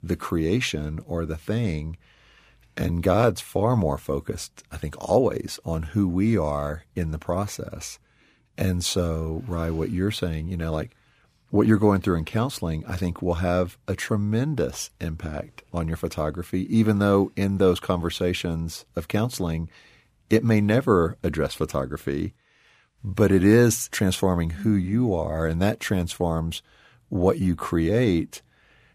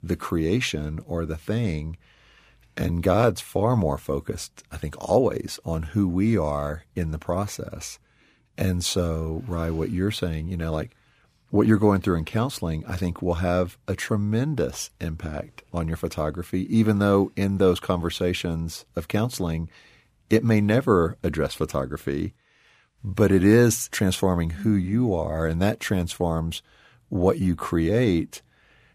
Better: neither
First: none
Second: none

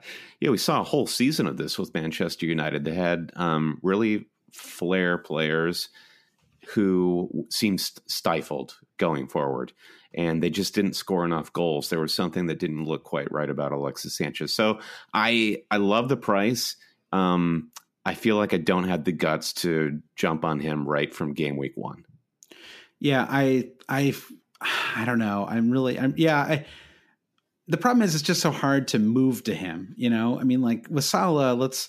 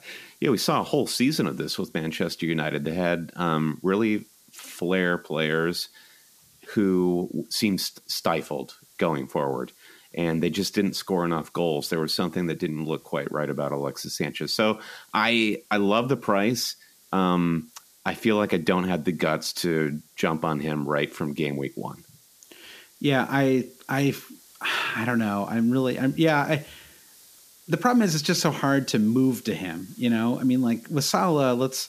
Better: first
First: none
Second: hiss; faint; throughout; 25 dB below the speech

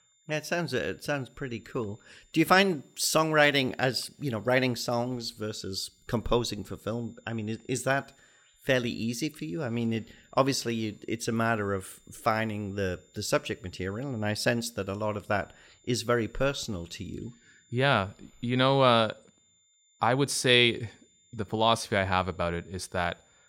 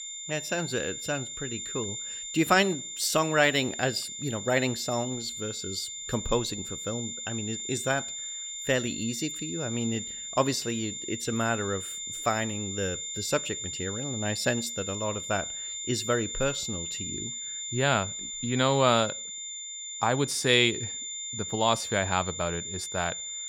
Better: first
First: high-pitched whine; faint; throughout; 7 kHz, 35 dB below the speech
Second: high-pitched whine; loud; throughout; 7 kHz, 5 dB below the speech

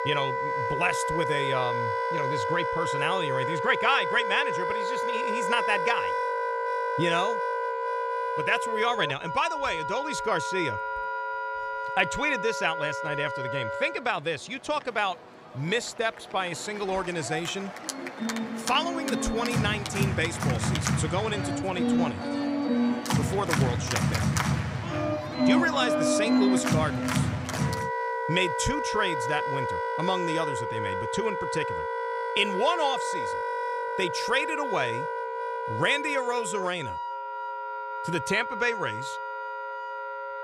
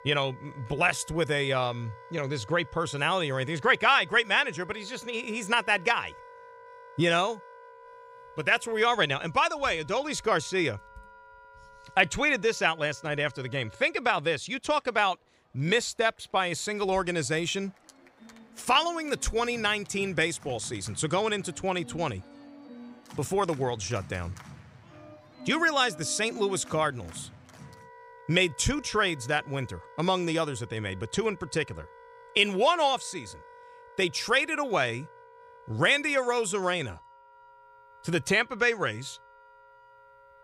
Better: second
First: background music; loud; throughout; as loud as the speech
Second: background music; faint; throughout; 25 dB below the speech

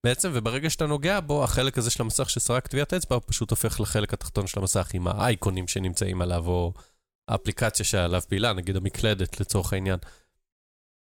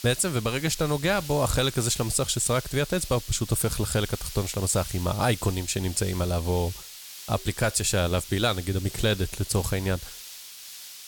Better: first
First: none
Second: hiss; noticeable; throughout; 15 dB below the speech

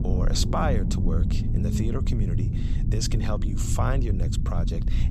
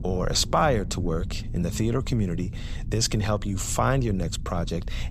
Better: second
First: low rumble; loud; throughout; 6 dB below the speech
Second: low rumble; faint; throughout; 20 dB below the speech

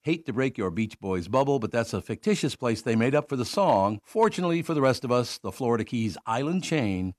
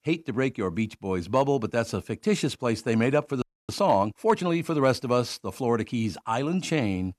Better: first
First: none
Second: audio freezing; at 3.5 s

